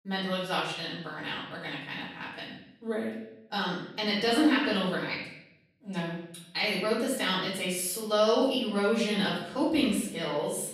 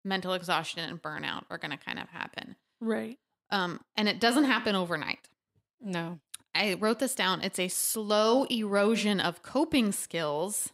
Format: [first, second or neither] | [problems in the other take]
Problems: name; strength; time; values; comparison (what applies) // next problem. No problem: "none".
second | room echo; noticeable; dies away in 0.8 s // off-mic speech; far